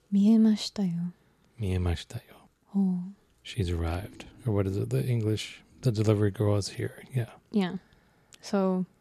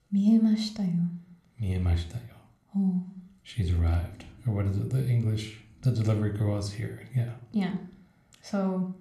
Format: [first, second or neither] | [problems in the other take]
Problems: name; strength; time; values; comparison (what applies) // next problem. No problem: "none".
first | room echo; slight; dies away in 0.4 s